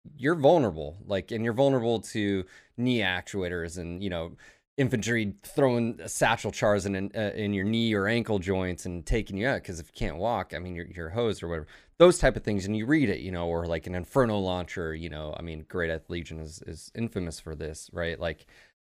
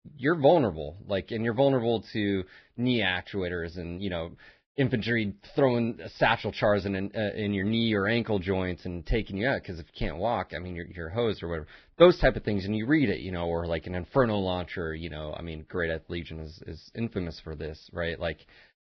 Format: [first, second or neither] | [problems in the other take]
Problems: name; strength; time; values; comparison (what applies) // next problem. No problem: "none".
first | garbled, watery; badly; nothing above 5.5 kHz